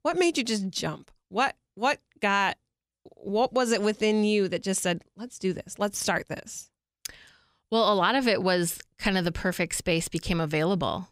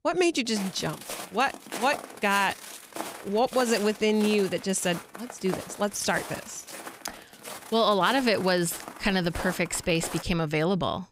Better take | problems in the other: first | footsteps; noticeable; from 0.5 to 10 s; peak 8 dB below the speech

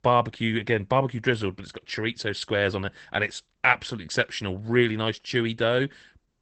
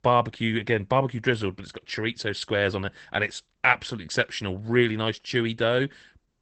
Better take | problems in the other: neither | garbled, watery; badly; nothing above 8 kHz; the same in both

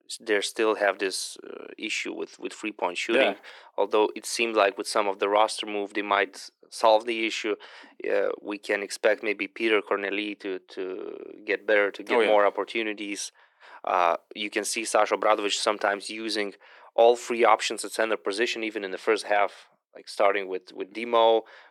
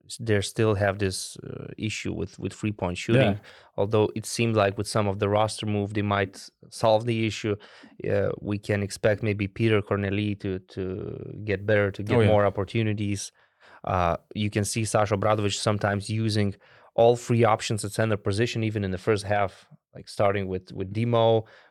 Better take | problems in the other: second | thin; very; fading below 300 Hz

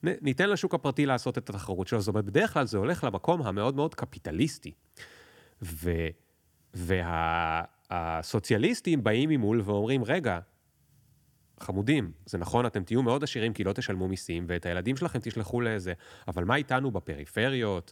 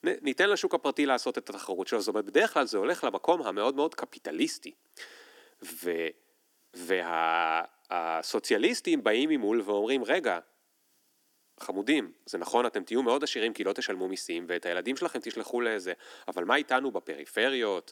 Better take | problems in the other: first | thin; somewhat; fading below 300 Hz

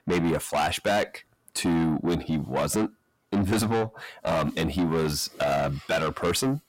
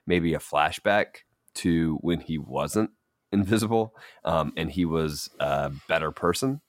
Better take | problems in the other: second | distortion; heavy; 6 dB below the speech

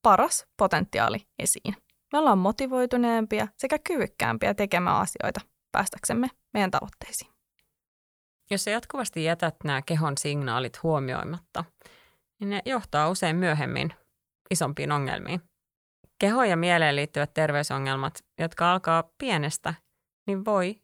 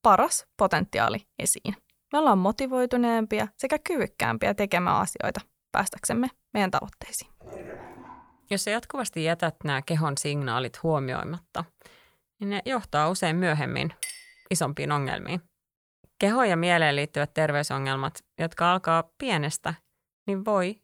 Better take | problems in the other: first | dog barking; faint; at 7.5 s; peak 15 dB below the speech // clattering dishes; noticeable; at 14 s; peak 9 dB below the speech

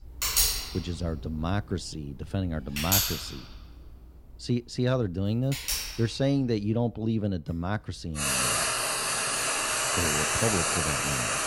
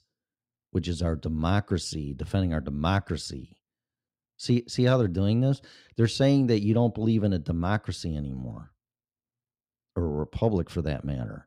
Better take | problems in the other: second | household noises; very loud; throughout; 5 dB above the speech

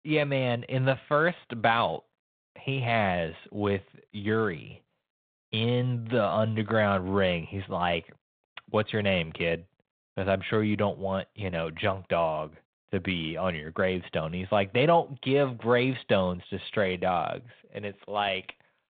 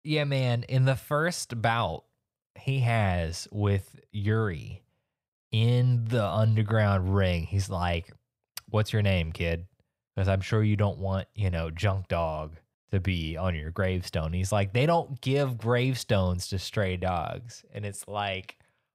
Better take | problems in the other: second | phone-call audio; nothing above 3.5 kHz

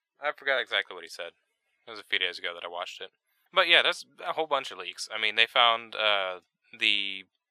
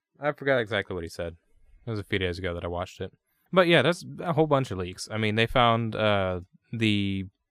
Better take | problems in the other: second | thin; very; fading below 750 Hz

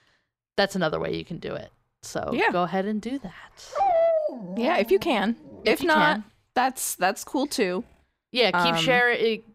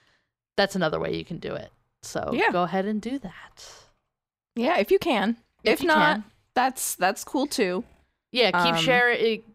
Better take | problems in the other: second | dog barking; loud; from 3.5 to 5 s; peak 3 dB above the speech

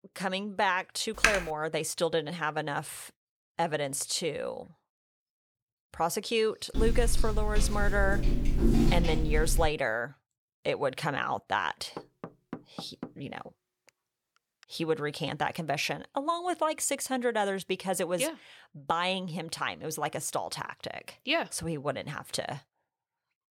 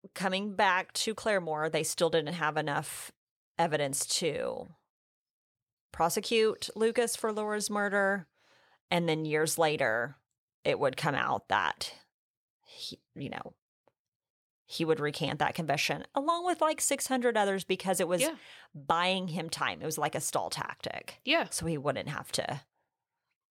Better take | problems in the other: second | keyboard typing; loud; at 1 s; peak 5 dB above the speech // footsteps; loud; from 7 to 9.5 s; peak 6 dB above the speech // door banging; faint; from 12 to 15 s; peak 10 dB below the speech

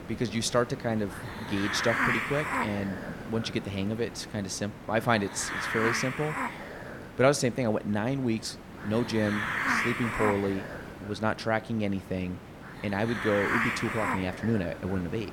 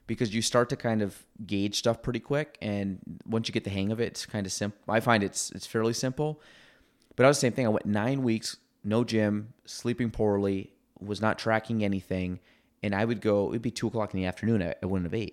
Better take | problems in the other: second | hiss; loud; throughout; 2 dB below the speech

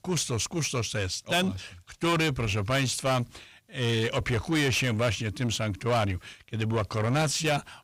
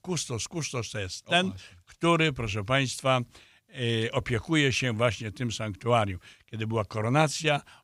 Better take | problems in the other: second | distortion; heavy; 7 dB below the speech

